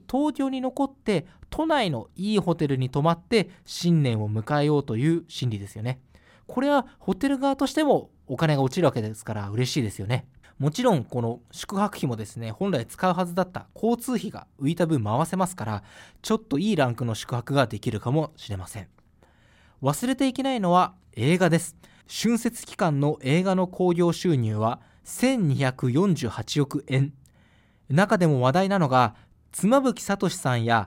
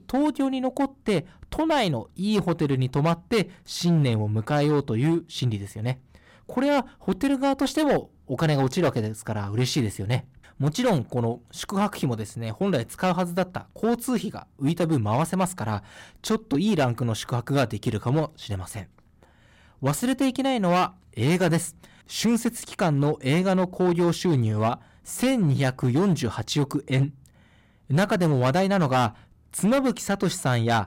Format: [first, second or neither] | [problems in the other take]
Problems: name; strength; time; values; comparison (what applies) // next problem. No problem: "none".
first | distortion; slight; 8% of the sound clipped